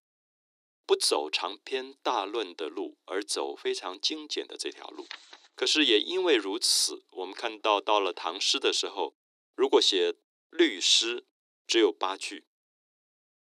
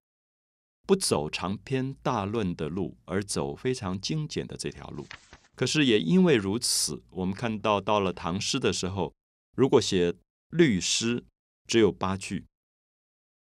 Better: second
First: thin; very; fading below 300 Hz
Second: none

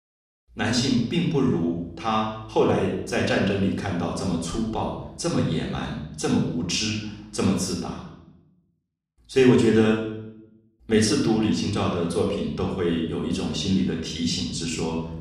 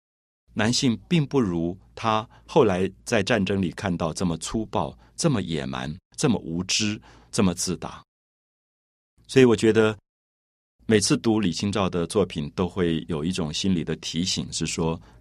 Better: second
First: off-mic speech; somewhat distant // room echo; noticeable; dies away in 0.7 s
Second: none

